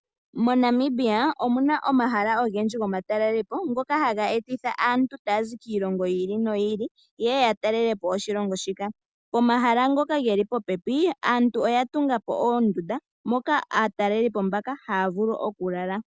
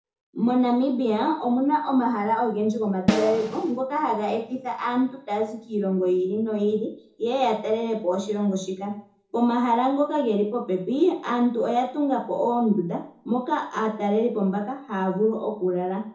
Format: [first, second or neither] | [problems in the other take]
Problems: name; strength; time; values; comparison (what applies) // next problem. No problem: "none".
first | background sound (Snare drum); 2 dB below the speech // room echo; dies away in 0.6 s